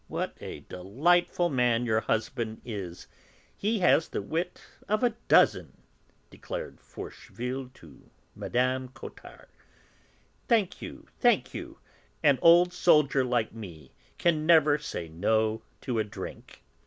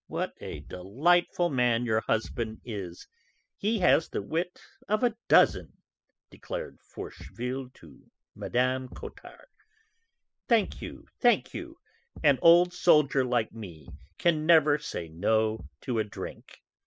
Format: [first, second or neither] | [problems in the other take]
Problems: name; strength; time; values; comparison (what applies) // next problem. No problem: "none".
first | noise reduction (classical method spectral subtraction)